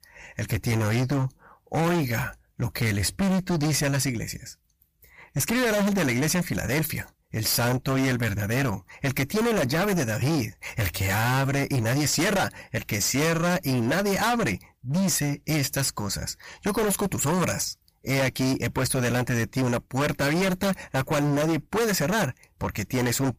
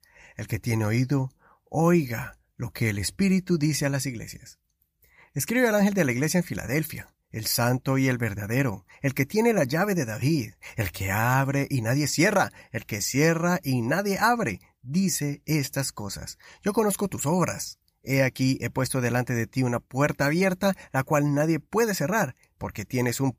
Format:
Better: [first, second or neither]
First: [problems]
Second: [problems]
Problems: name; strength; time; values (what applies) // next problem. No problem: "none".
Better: second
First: distortion; heavy; 26% of the sound clipped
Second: none